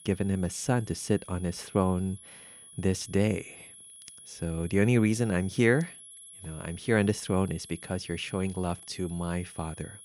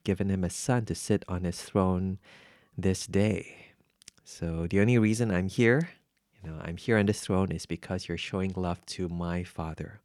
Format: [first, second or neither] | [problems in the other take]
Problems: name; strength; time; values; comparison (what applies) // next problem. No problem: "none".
second | high-pitched whine; noticeable; throughout; 10.5 kHz, 15 dB below the speech